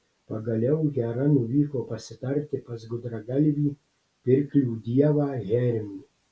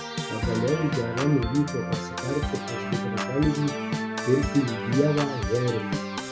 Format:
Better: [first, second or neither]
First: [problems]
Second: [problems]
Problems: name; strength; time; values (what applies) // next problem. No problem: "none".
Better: first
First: none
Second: background sound (Organ); 3 dB below the speech